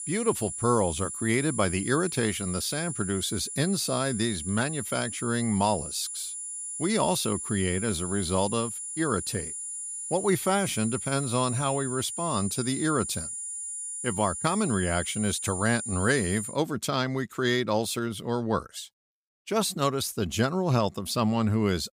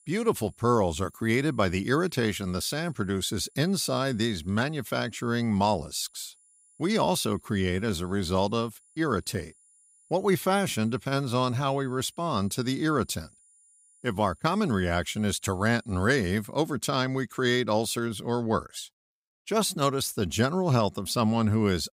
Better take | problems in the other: second | high-pitched whine; loud; until 17 s; 9.5 kHz, 5 dB below the speech; faint in the second

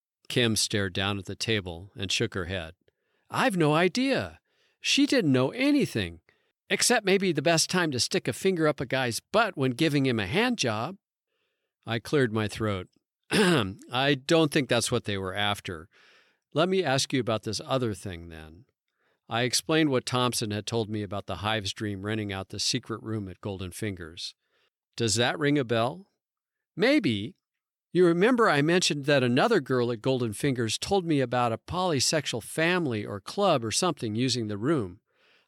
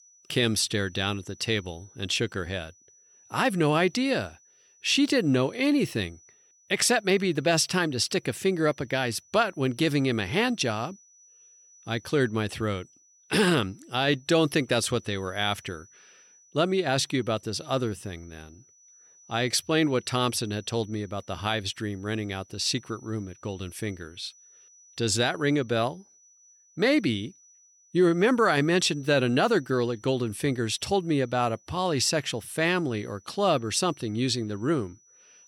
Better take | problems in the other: first | high-pitched whine; faint; throughout; 6 kHz, 30 dB below the speech

